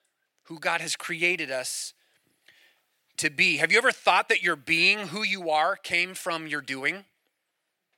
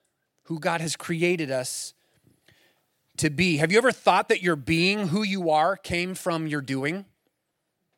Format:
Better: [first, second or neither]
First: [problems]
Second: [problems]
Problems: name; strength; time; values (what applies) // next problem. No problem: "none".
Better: second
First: thin; somewhat; fading below 700 Hz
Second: none